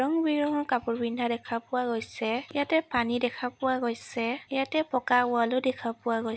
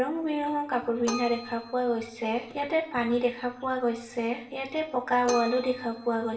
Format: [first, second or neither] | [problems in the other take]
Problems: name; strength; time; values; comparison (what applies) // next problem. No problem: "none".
first | background sound (Keyboard (musical)); 15 dB below the speech // room echo; dies away in 0.6 s